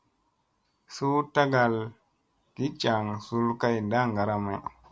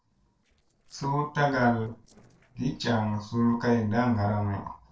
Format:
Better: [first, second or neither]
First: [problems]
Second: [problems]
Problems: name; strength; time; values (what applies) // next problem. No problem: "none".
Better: first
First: none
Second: noise reduction (neural separator model SepFormer DNS4)